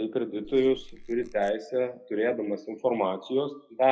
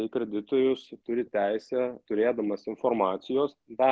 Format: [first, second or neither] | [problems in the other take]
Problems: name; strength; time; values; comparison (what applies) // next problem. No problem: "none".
second | noise reduction (classical method WPE with log-MMSE)